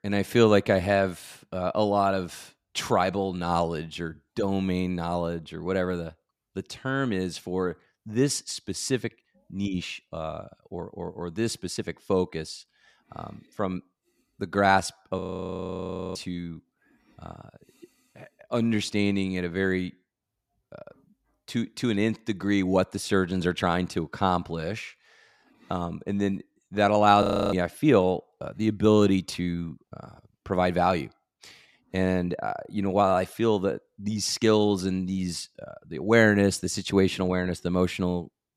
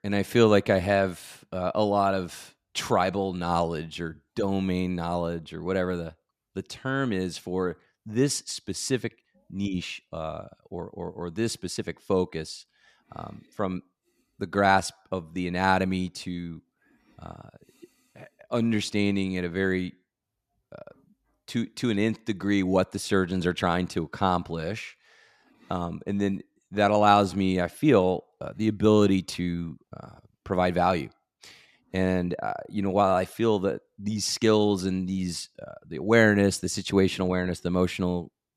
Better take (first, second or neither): second